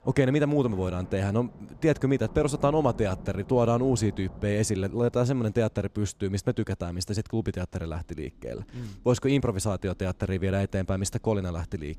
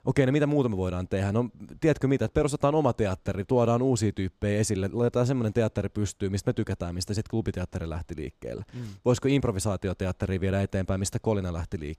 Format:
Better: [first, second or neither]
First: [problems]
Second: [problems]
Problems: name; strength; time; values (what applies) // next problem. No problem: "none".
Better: second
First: rain or running water; faint; throughout; 20 dB below the speech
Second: none